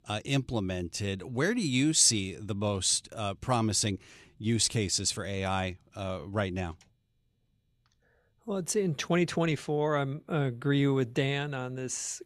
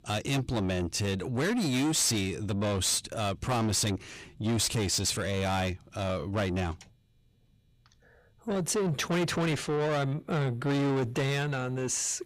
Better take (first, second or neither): first